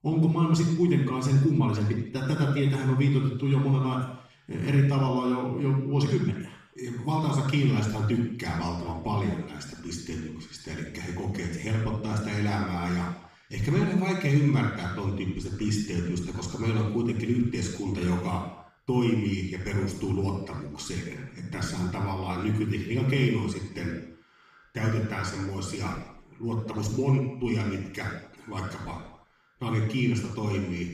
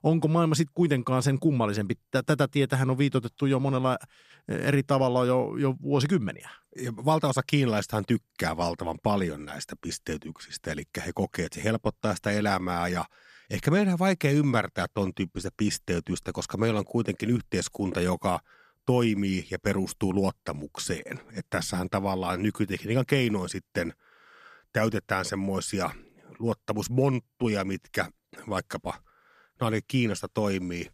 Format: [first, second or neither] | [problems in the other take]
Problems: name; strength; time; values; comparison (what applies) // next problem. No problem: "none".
second | room echo; noticeable; dies away in 0.7 s // off-mic speech; far